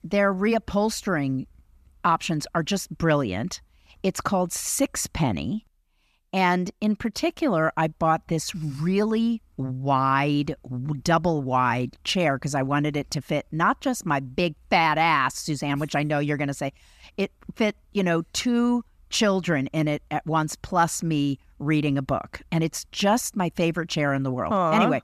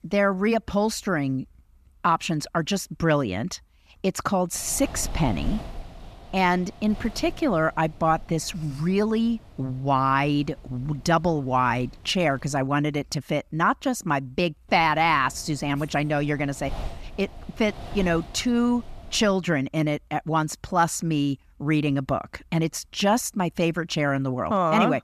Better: first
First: none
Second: wind noise on the microphone; occasional gusts; from 4.5 to 13 s and from 15 to 19 s; 20 dB below the speech

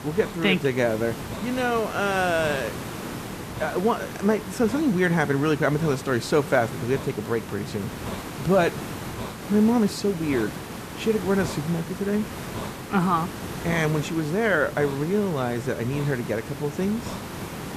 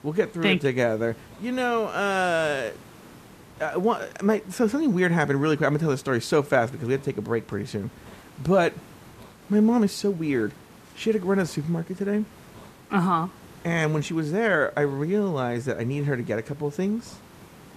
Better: second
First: hiss; loud; throughout; 10 dB below the speech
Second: hiss; faint; throughout; 25 dB below the speech

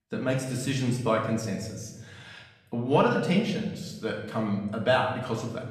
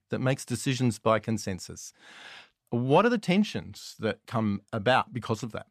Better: second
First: room echo; noticeable; dies away in 1 s // off-mic speech; far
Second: none

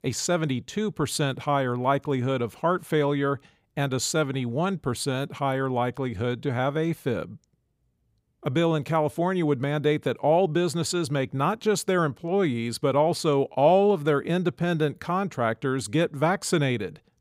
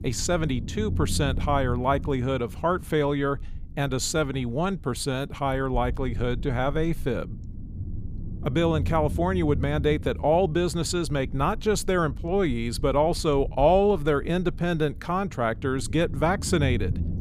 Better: first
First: none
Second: low rumble; faint; throughout; 20 dB below the speech

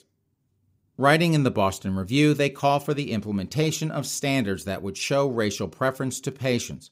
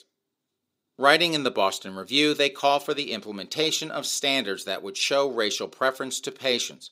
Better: first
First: none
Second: thin; somewhat; fading below 400 Hz

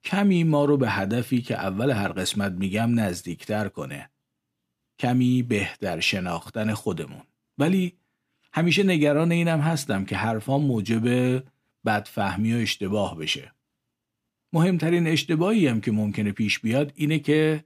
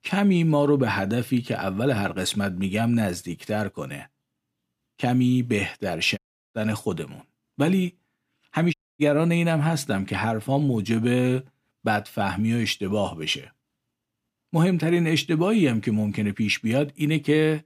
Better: first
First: none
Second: audio cutting out; at 6 s and at 8.5 s

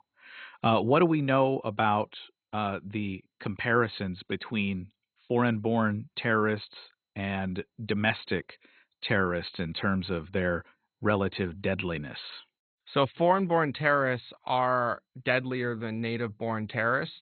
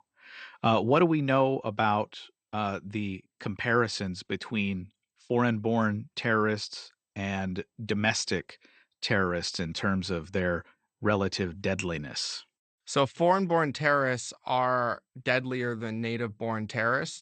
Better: second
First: garbled, watery; badly; nothing above 4 kHz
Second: garbled, watery; slightly; nothing above 8.5 kHz

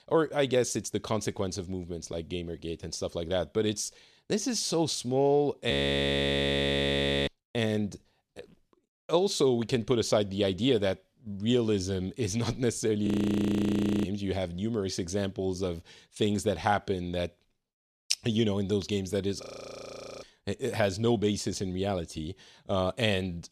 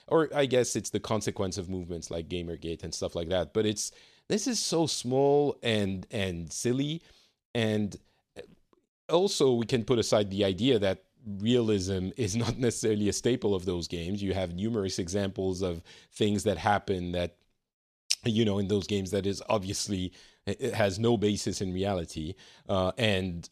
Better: second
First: audio freezing; at 5.5 s for 1.5 s, at 13 s for 1 s and at 19 s for 1 s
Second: none

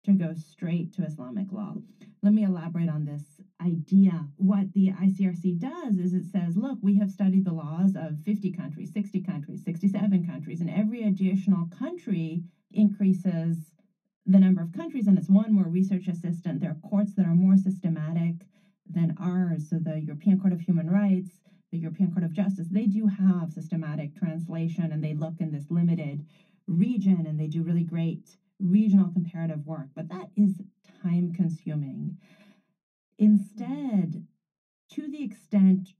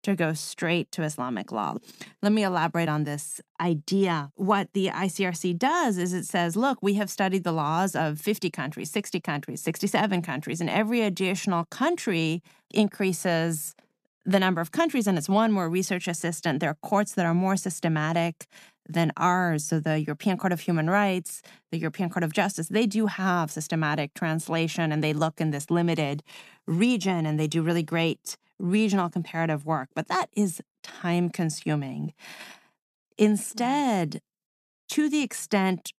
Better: second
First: room echo; very slight; dies away in 0.3 s // off-mic speech; far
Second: none

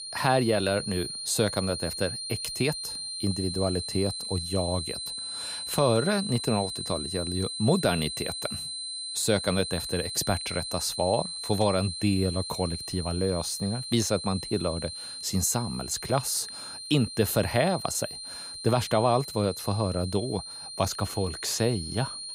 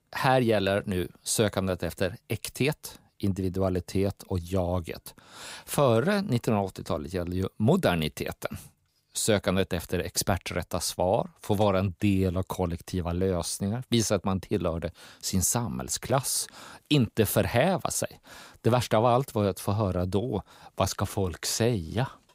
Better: second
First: high-pitched whine; loud; throughout; 4 kHz, 6 dB below the speech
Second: none

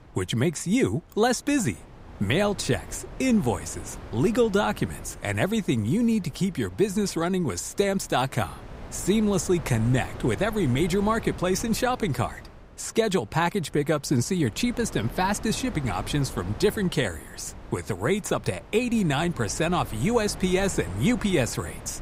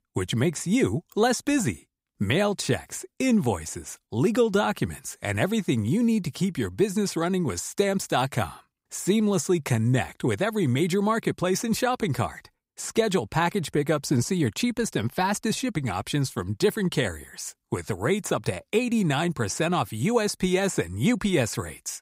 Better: second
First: wind noise on the microphone; occasional gusts; 15 dB below the speech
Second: none

